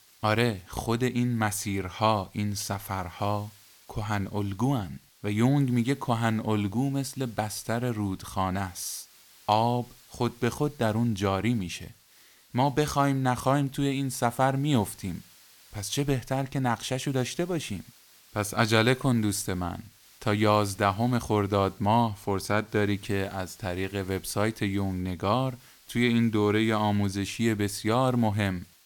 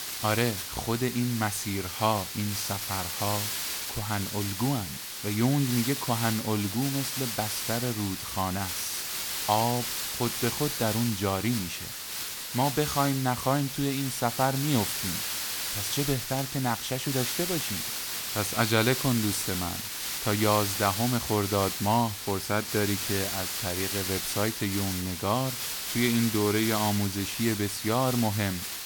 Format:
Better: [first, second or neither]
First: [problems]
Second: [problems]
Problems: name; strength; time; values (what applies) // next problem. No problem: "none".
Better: first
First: hiss; faint; throughout; 25 dB below the speech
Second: hiss; loud; throughout; 2 dB below the speech